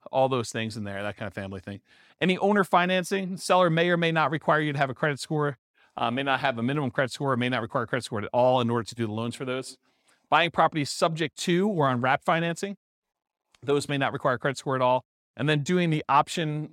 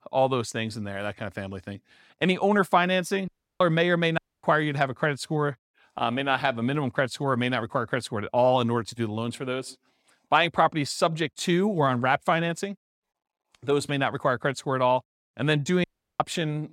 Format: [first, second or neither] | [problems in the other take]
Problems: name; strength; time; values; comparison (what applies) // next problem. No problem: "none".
first | audio cutting out; at 3.5 s, at 4 s and at 16 s